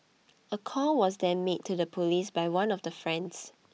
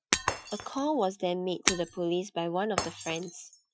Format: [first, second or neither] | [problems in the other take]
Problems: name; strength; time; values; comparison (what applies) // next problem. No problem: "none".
first | noise reduction (classical method Wiener filter)